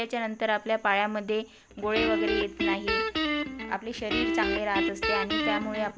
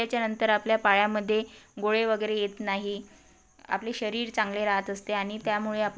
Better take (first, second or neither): second